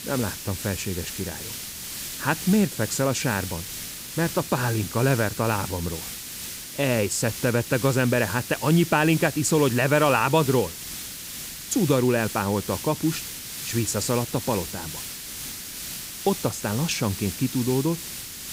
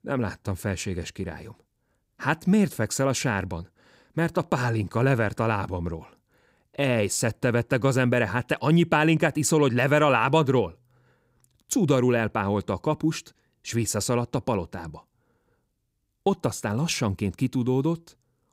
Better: second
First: hiss; loud; throughout; 8 dB below the speech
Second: none

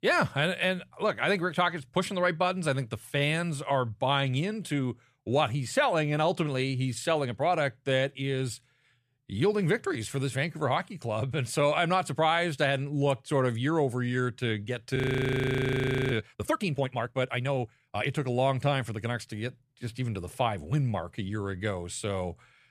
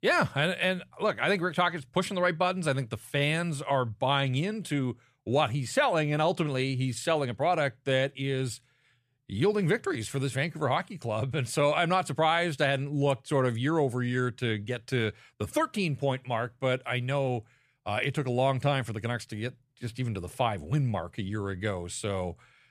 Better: second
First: audio freezing; at 15 s for 1 s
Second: none

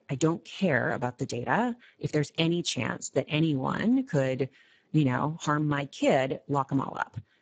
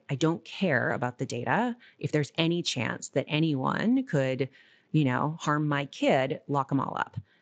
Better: second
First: garbled, watery; badly; nothing above 7.5 kHz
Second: garbled, watery; slightly; nothing above 7.5 kHz

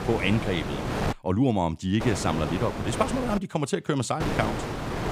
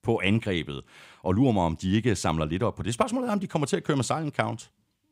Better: second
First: wind noise on the microphone; heavy; until 1 s, from 2 to 3.5 s and at 4 s; 4 dB below the speech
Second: none

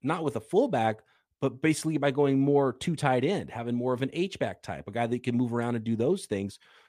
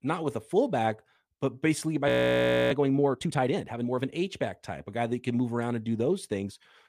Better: first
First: none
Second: audio freezing; at 2 s for 0.5 s

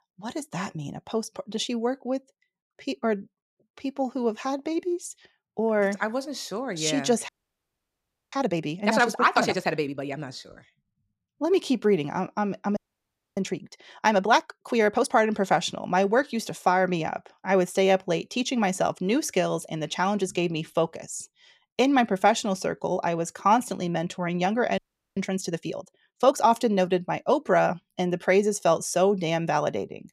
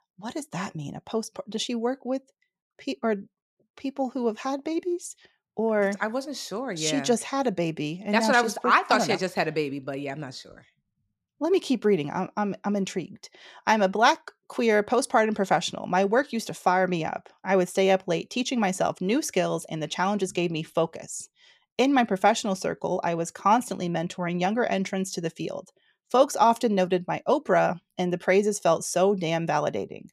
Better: second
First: audio freezing; at 7.5 s for 1 s, at 13 s for 0.5 s and at 25 s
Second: none

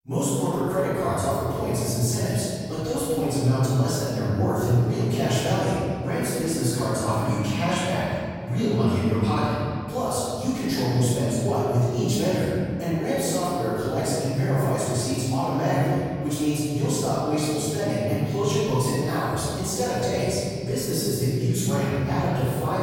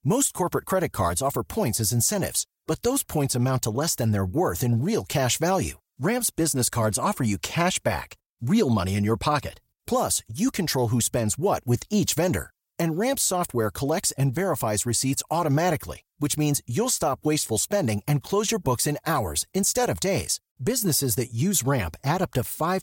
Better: second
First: off-mic speech; far // room echo; strong; dies away in 2.3 s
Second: none

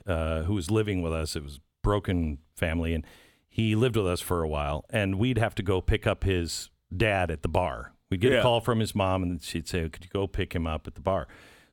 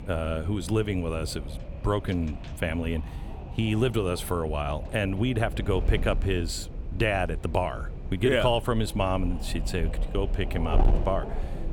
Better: first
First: none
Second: wind noise on the microphone; occasional gusts; 15 dB below the speech

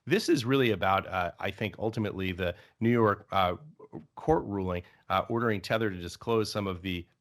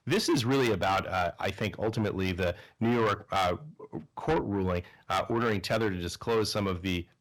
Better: first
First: none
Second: distortion; heavy; 7 dB below the speech

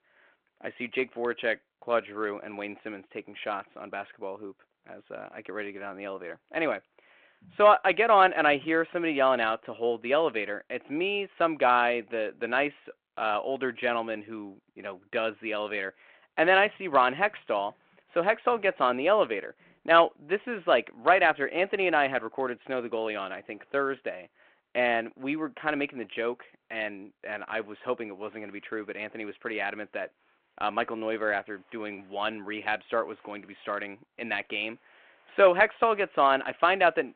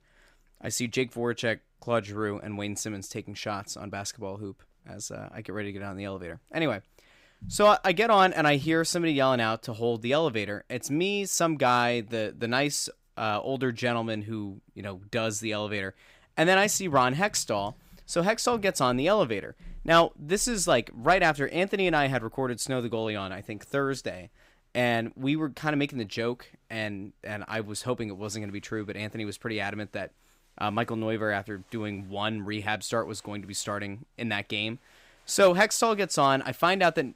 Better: second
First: phone-call audio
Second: none

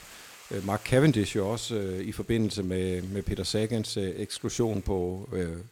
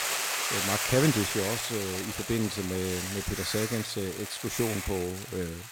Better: first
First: hiss; faint; throughout; 20 dB below the speech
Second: hiss; loud; throughout; 1 dB below the speech

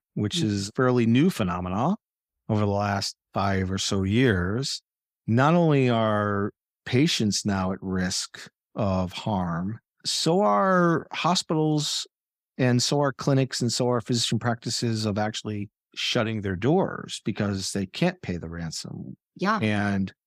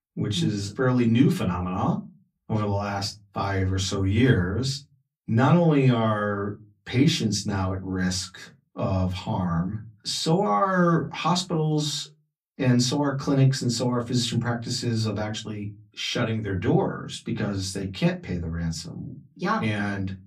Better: first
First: none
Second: off-mic speech; far // room echo; very slight; dies away in 0.3 s

